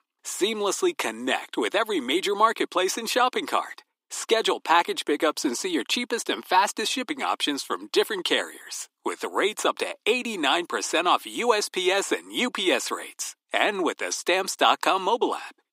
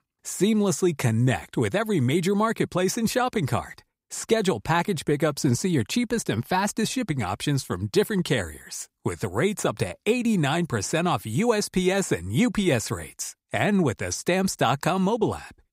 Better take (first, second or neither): second